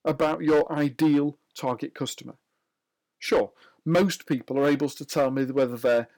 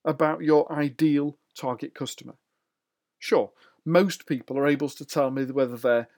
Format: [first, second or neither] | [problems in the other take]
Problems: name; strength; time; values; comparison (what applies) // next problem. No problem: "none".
second | distortion; slight; 5% of the sound clipped